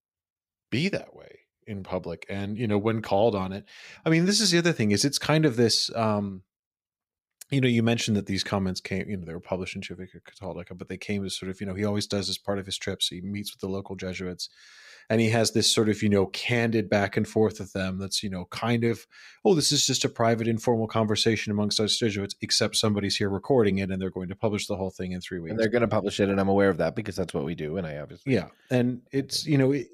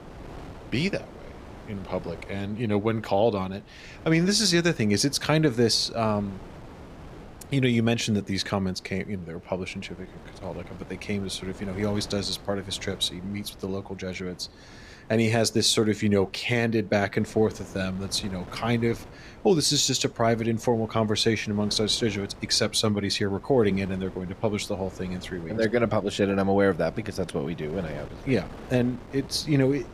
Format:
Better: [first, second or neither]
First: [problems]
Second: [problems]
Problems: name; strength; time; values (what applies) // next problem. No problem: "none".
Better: first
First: none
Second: wind noise on the microphone; occasional gusts; 20 dB below the speech